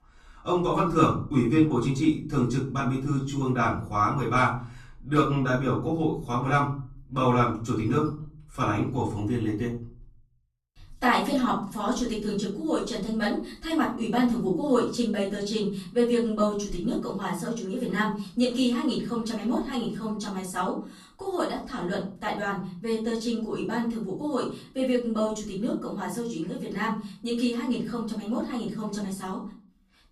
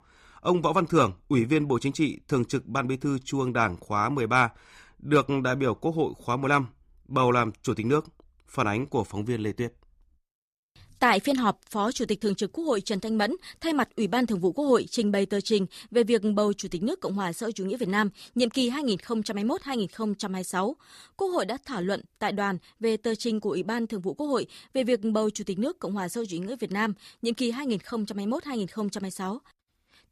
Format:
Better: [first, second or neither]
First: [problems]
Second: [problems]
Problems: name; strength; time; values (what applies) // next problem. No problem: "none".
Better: second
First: off-mic speech; far // room echo; slight; dies away in 0.5 s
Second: none